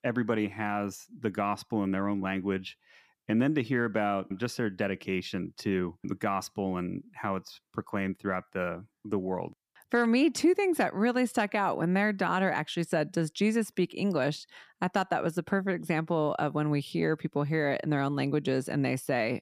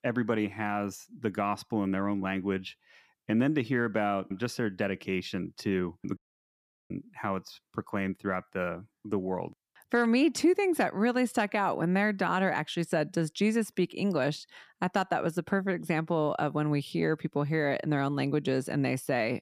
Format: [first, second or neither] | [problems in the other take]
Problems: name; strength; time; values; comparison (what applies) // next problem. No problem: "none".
first | audio cutting out; at 6 s for 0.5 s